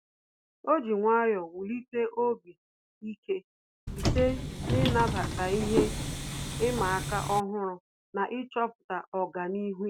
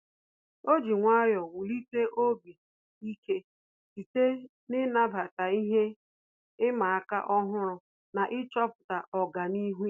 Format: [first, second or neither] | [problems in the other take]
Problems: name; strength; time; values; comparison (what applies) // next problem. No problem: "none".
second | background sound (Subway, metro, underground); as loud as the speech